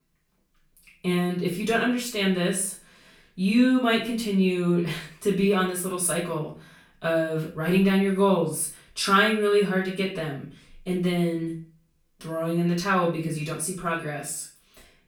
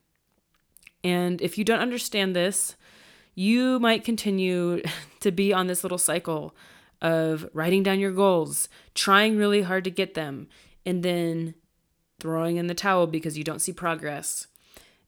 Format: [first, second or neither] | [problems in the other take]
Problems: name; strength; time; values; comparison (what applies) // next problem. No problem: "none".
second | off-mic speech; far // room echo; slight; dies away in 0.4 s